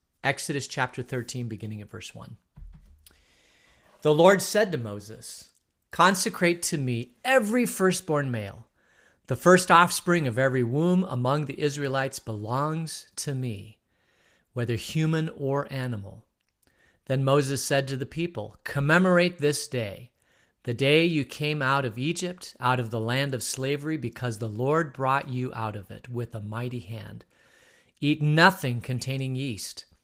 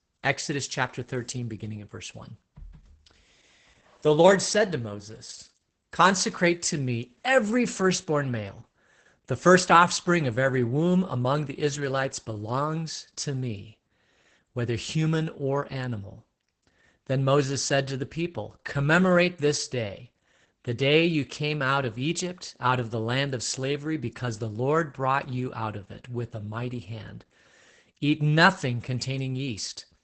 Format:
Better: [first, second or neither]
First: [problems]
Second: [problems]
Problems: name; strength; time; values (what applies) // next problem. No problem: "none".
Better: first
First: garbled, watery; slightly; nothing above 15.5 kHz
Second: garbled, watery; badly; nothing above 8 kHz